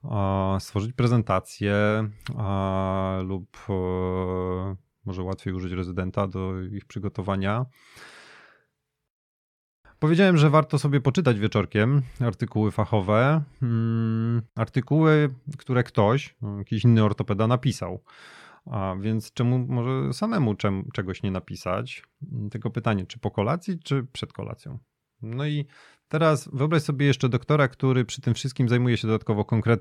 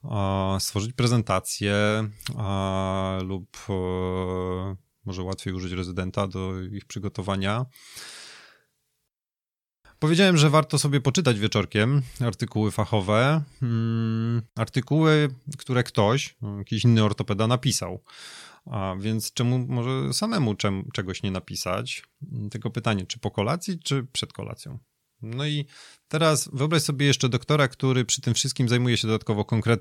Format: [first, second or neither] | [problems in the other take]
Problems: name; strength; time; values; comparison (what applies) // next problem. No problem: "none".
second | muffled; slightly; fading above 3 kHz